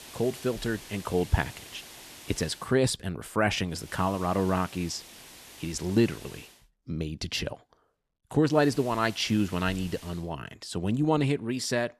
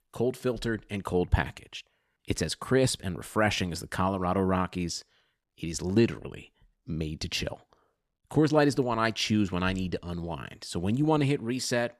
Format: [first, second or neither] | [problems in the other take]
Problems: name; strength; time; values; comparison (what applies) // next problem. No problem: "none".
second | hiss; noticeable; until 2.5 s, from 4 to 6.5 s and from 8.5 to 10 s; 15 dB below the speech